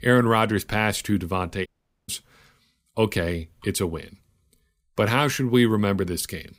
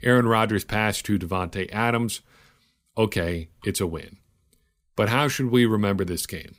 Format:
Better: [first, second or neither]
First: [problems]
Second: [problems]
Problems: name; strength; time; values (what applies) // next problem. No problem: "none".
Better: second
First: audio cutting out; at 1.5 s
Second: none